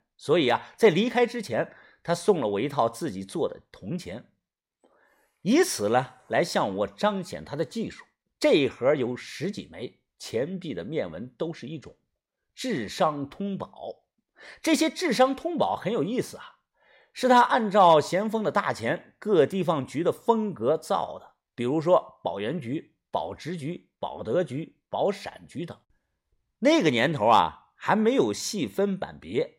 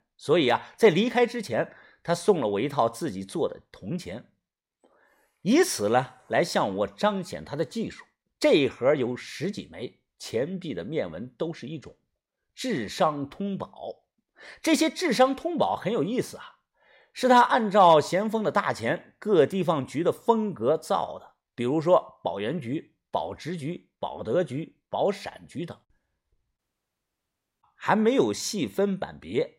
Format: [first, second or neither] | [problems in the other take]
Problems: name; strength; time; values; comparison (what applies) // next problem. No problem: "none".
first | audio cutting out; at 27 s for 1 s